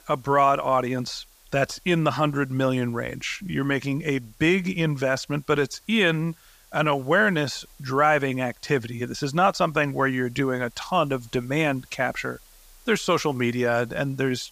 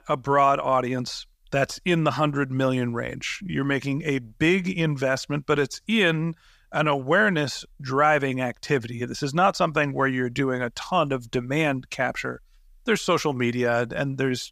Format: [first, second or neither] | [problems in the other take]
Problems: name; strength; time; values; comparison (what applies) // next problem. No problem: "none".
second | hiss; faint; throughout; 30 dB below the speech